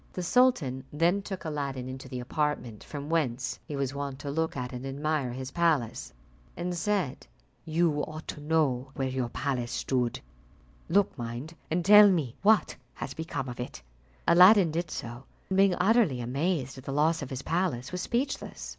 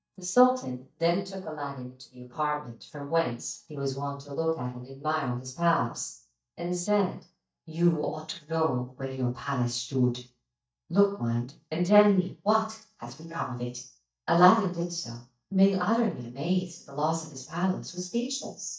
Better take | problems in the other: first | noise reduction (neural mask model DeepFilterNet 3)

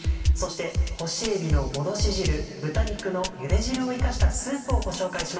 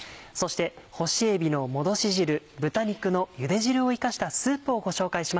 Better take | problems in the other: second | background sound (Drum kit); 2 dB above the speech // room echo; dies away in 2.6 s

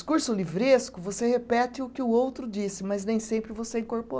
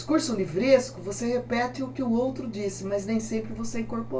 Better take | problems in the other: first | background sound (Engine); 17 dB below the speech // room echo; dies away in 0.2 s

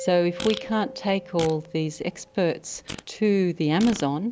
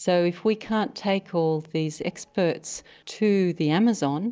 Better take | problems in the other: second | background sound (Mallet percussion + Fart); 14 dB below the speech

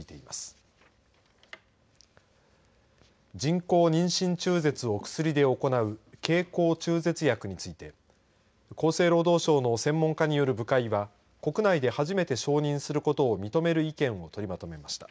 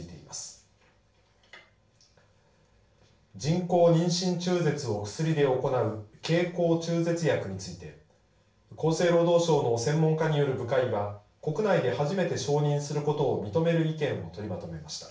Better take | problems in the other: first | room echo; dies away in 0.4 s

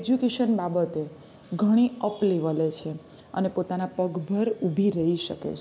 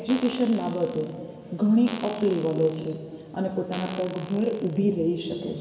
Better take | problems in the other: first | background sound (Fart); 16 dB below the speech // room echo; dies away in 2.5 s

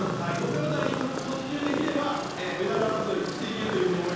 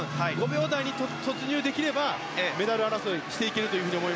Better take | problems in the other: second | background sound (Purr); 7 dB below the speech // room echo; dies away in 1.3 s

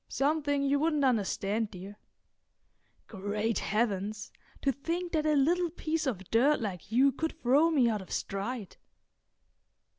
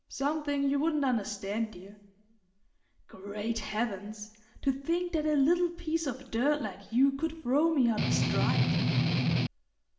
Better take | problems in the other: first | background sound (Strum); 4 dB above the speech // room echo; dies away in 0.9 s

